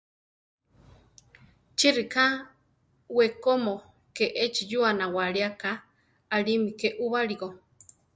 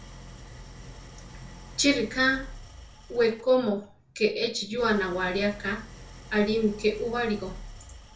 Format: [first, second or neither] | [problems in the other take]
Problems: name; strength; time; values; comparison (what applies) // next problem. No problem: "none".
first | background sound (Idling); 16 dB below the speech // room echo; dies away in 0.3 s